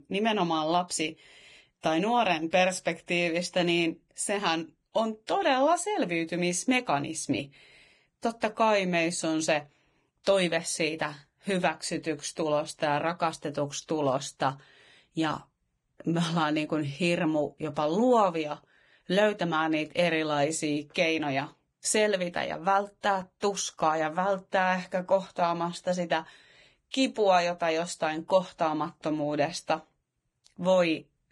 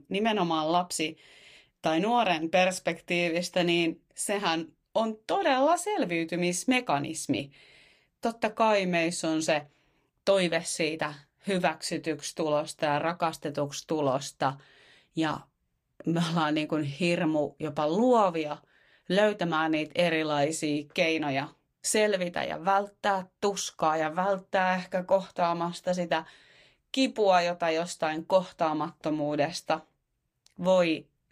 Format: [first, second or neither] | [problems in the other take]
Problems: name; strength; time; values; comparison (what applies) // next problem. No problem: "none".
second | garbled, watery; badly; nothing above 10.5 kHz; slightly in the second